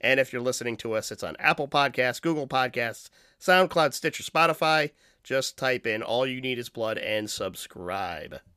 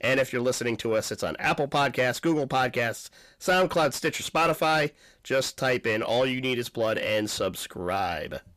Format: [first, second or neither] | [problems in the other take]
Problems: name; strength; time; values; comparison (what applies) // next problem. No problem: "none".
first | distortion; heavy; 8 dB below the speech